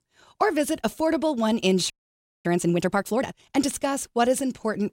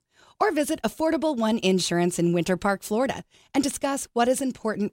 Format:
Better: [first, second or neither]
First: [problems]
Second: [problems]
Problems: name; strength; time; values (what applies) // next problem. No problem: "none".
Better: second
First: audio freezing; at 2 s for 0.5 s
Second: none